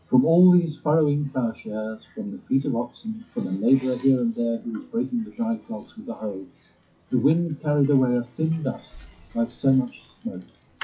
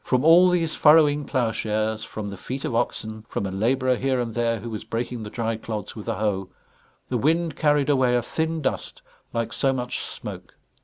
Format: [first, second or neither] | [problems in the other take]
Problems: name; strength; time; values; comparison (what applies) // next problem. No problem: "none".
second | noise reduction (classical method WPE with log-MMSE)